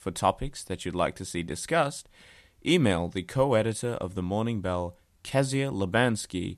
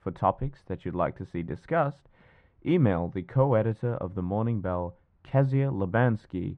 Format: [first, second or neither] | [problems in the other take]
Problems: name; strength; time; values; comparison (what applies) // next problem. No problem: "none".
first | muffled; very; fading above 1 kHz